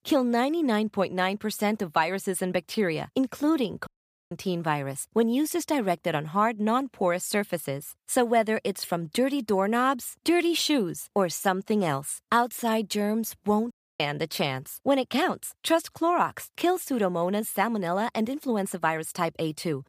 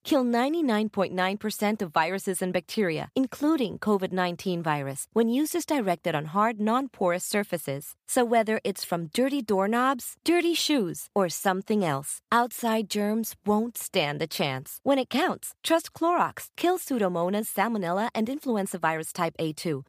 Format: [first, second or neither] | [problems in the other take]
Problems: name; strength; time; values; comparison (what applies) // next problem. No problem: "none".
second | audio cutting out; at 4 s and at 14 s